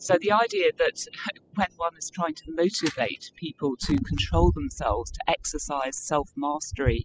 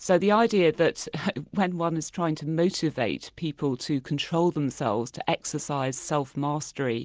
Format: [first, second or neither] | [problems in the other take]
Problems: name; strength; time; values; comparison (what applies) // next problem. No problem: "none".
second | noise reduction (classical method spectral subtraction)